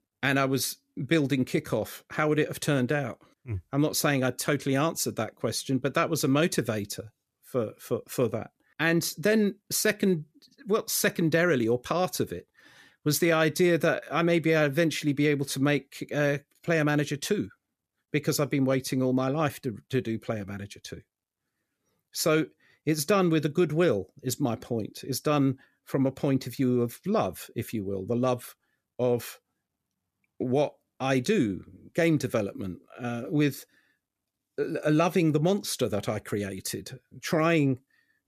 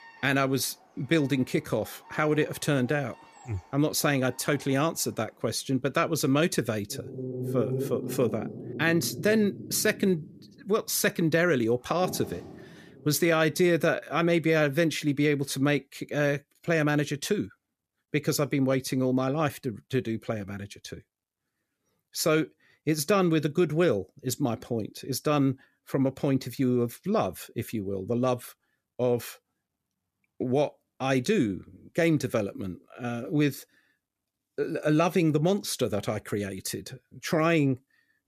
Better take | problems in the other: first | animal sounds; noticeable; until 14 s; 10 dB below the speech

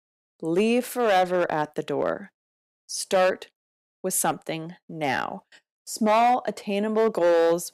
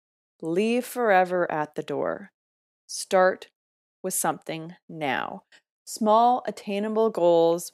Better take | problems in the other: second | distortion; slight; 4% of the sound clipped

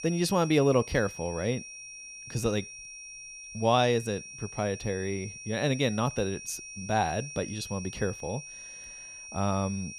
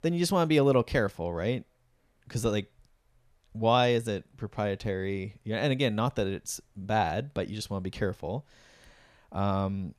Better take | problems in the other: second | high-pitched whine; noticeable; throughout; 5.5 kHz, 10 dB below the speech

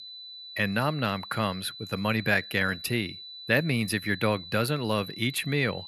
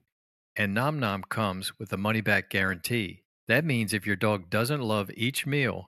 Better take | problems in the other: second | high-pitched whine; noticeable; throughout; 4 kHz, 15 dB below the speech

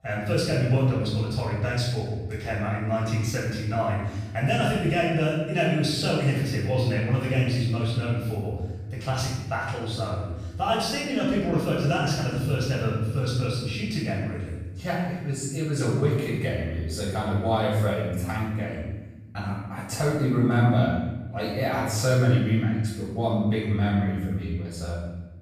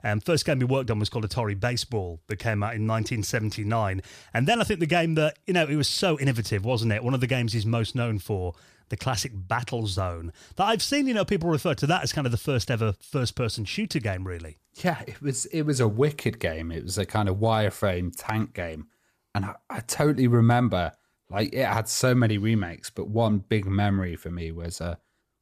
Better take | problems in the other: second | off-mic speech; far // room echo; strong; dies away in 1.2 s

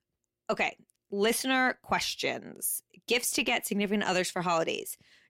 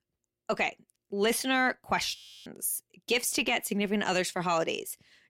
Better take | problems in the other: first | audio freezing; at 2 s

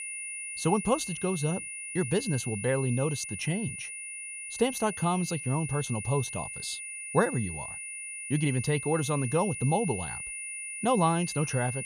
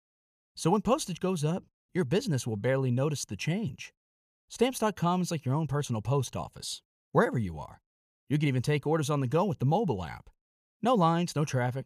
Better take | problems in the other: second | high-pitched whine; loud; throughout; 9.5 kHz, 6 dB below the speech

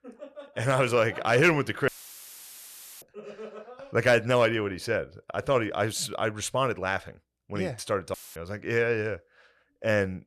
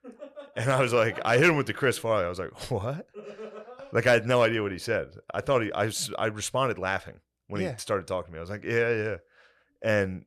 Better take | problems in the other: second | audio cutting out; filled with static; at 2 s for 1 s and at 8 s

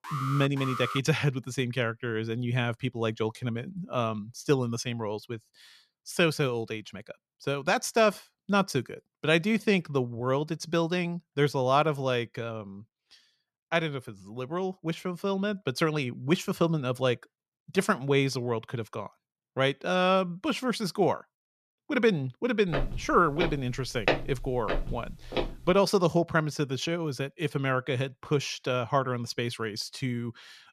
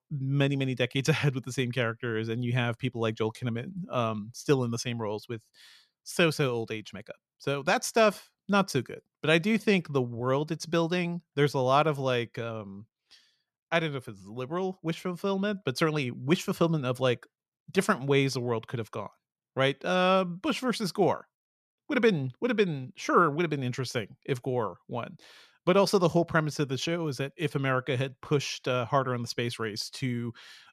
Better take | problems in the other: second | alarm; noticeable; at the start; peak 6 dB below the speech // footsteps; loud; from 23 to 26 s; peak level with the speech

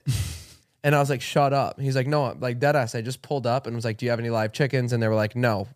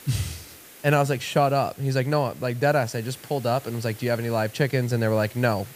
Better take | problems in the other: first | hiss; noticeable; throughout; 20 dB below the speech

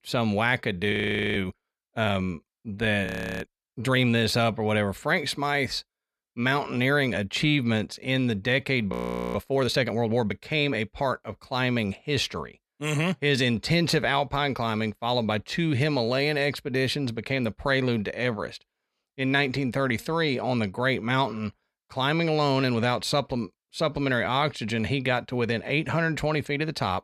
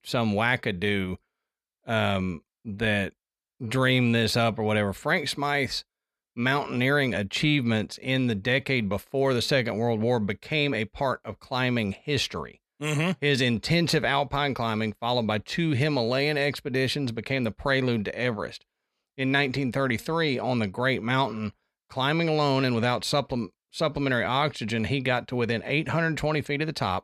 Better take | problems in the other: second | audio freezing; at 1 s, at 3 s and at 9 s

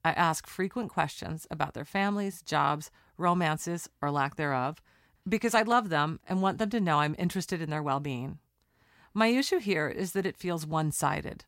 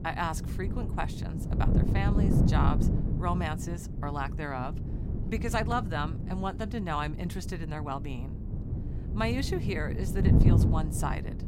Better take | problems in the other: first | wind noise on the microphone; heavy; 6 dB below the speech

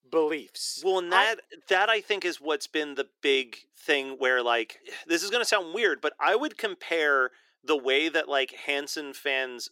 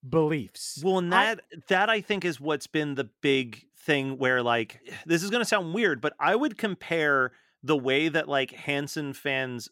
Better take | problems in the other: second | thin; somewhat; fading below 350 Hz

